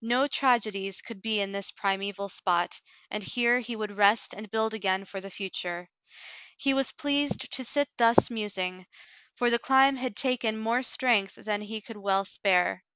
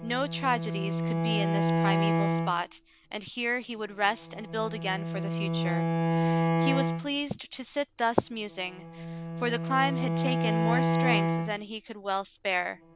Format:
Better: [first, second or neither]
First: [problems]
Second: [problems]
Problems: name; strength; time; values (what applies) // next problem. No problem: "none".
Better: first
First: none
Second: background sound (Bowed string instrument); 3 dB above the speech